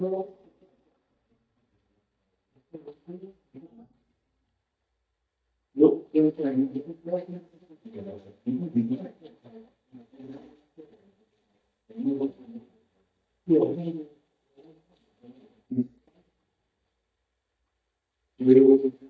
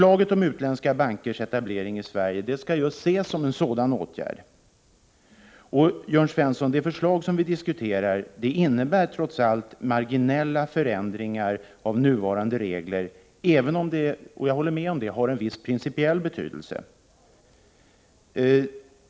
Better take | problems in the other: second | noise reduction (neural mask model DeepFilterNet 3)

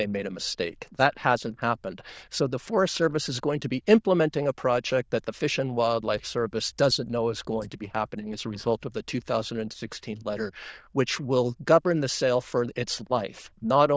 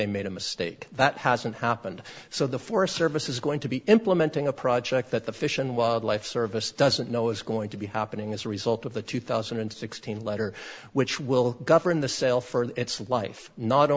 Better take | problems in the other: second | noise reduction (neural diffusion model UNIVERSE++)

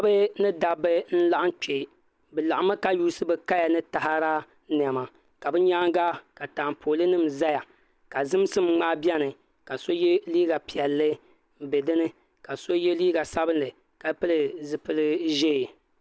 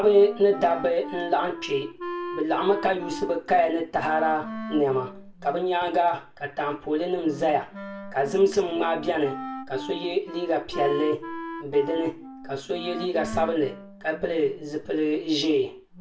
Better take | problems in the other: first | background sound (Wind instrument, woodwind instrument); 12 dB below the speech // room echo; dies away in 0.3 s

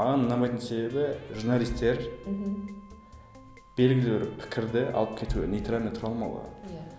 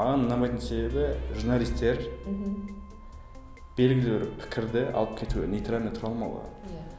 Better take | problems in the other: first | background sound (Truck); 11 dB below the speech

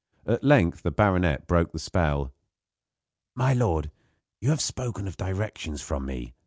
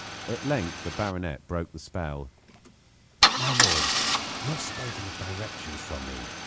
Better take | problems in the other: first | background sound (Idling / Engine starting / Car); 4 dB above the speech

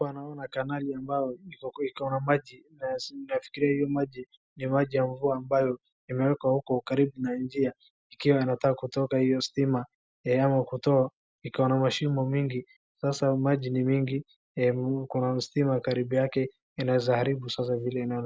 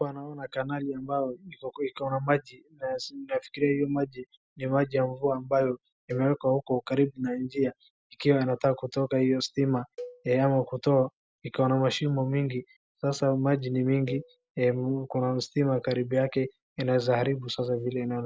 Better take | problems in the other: first | background sound (Cowbell); 20 dB below the speech

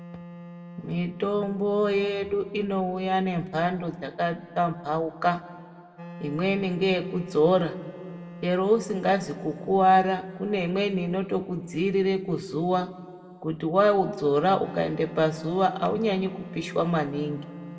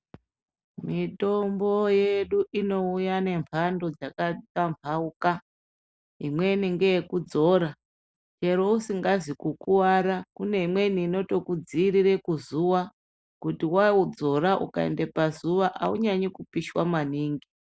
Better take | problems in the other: second | background sound (Wind instrument, woodwind instrument); 17 dB below the speech // room echo; dies away in 1.2 s

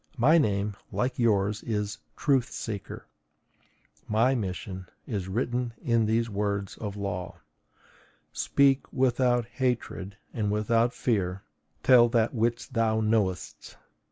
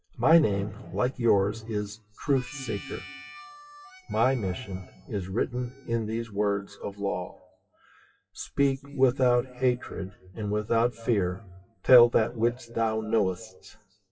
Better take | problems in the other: first | noise reduction (classical method WPE with log-MMSE)

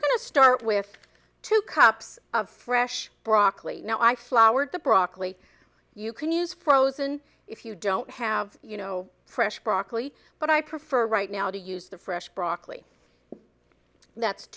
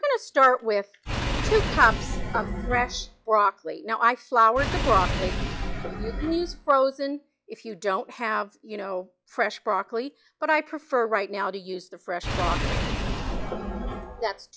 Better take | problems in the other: first | noise reduction (classical method log-MMSE)

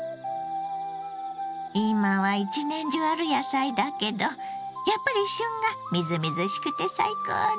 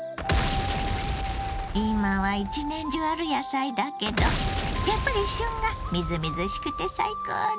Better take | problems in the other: first | background sound (Boom); 2 dB below the speech

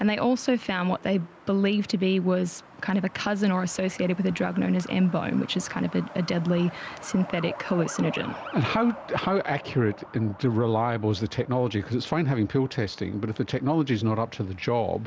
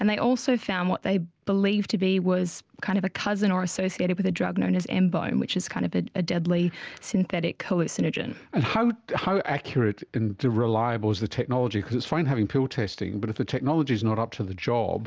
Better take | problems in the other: second | background sound (Truck); 18 dB below the speech

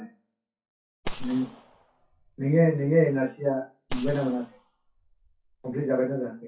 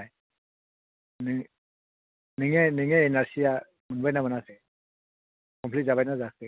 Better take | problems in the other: second | noise reduction (classical method WPE with log-MMSE)

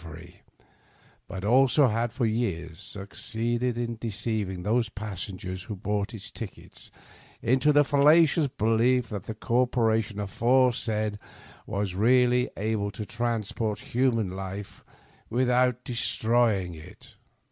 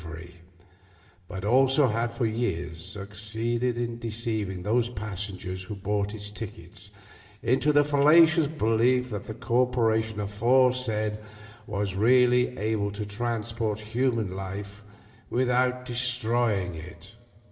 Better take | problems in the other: first | room echo; dies away in 2.2 s

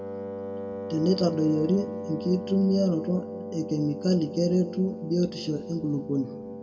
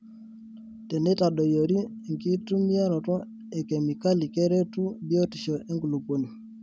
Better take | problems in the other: second | background sound (Wind instrument, woodwind instrument); 10 dB below the speech // room echo; dies away in 1 s

